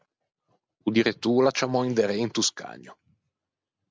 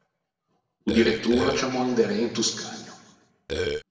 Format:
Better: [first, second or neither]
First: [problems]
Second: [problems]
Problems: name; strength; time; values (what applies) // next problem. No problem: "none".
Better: first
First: none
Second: background sound (Burping, eructation); 1 dB below the speech // room echo; dies away in 1.3 s